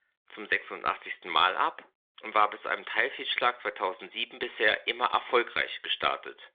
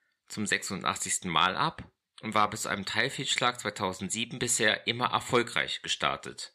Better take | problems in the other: second | phone-call audio; nothing above 3.5 kHz

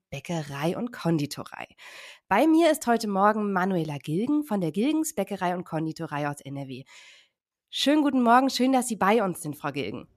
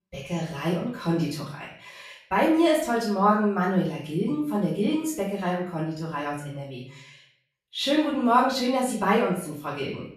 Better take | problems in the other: first | off-mic speech; far // room echo; noticeable; dies away in 0.5 s

